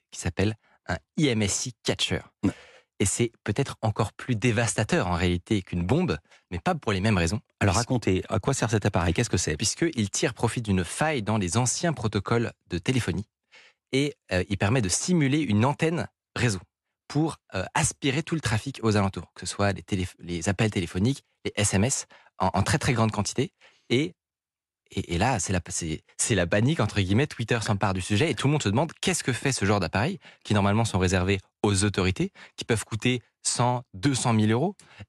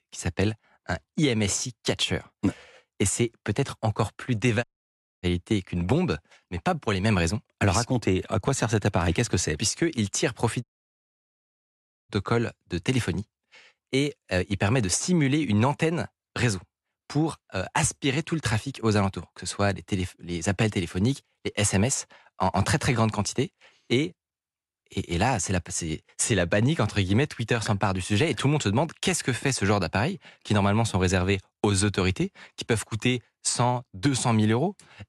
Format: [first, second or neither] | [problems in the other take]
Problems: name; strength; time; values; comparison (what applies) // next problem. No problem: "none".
first | audio cutting out; at 4.5 s for 0.5 s and at 11 s for 1.5 s